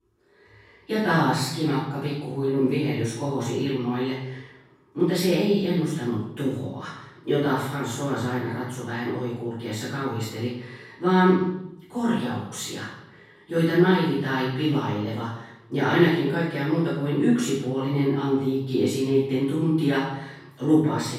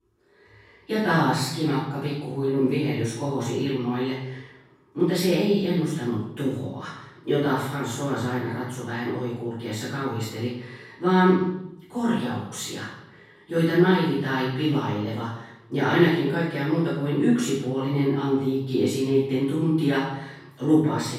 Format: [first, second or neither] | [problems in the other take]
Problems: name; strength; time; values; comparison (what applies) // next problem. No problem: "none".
neither | off-mic speech; far; the same in both // room echo; strong; dies away in 0.7 s; the same in both